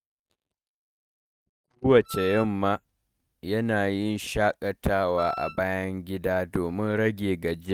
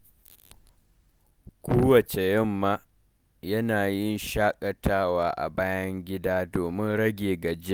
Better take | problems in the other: second | noise reduction (neural mask model RNNoise)

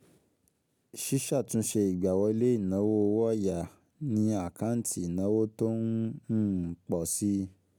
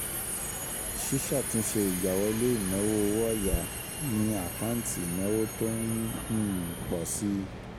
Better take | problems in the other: first | background sound (Subway, metro, underground); 5 dB below the speech

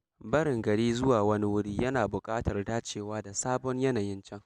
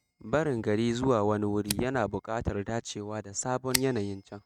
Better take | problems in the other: first | noise reduction (neural mask model RNNoise)

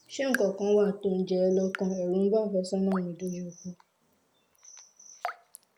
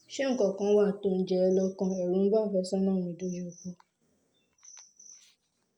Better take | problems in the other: second | background sound (Raindrop / Drip); 15 dB below the speech

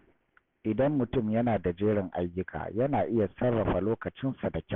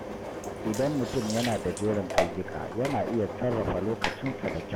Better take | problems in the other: first | background sound (Engine); 4 dB below the speech

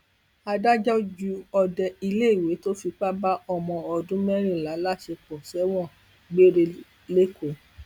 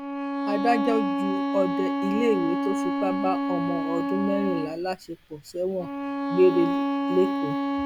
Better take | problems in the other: first | background sound (Bowed string instrument); as loud as the speech

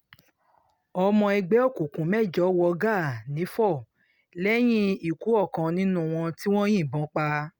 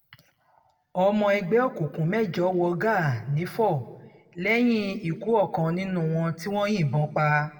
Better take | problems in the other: first | room echo; dies away in 1 s

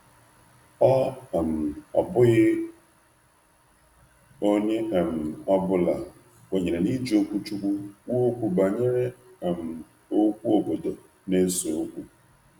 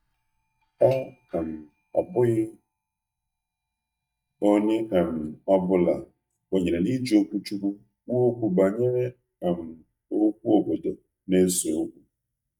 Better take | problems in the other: first | noise reduction (neural mask model DeepFilterNet 3)

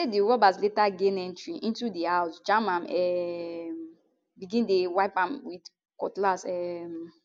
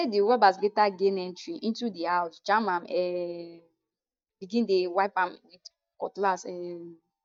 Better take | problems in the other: first | noise reduction (neural mask model DeepFilterNet 3)

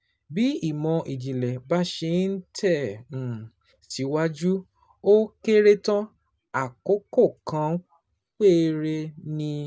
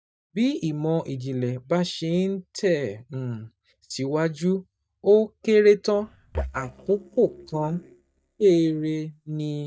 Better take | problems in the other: first | noise reduction (neural mask model DeepFilterNet 3)

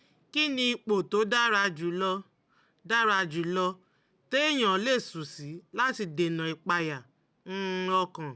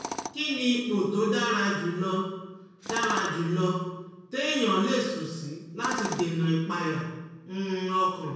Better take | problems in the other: first | background sound (Tools); 14 dB below the speech // room echo; dies away in 0.9 s

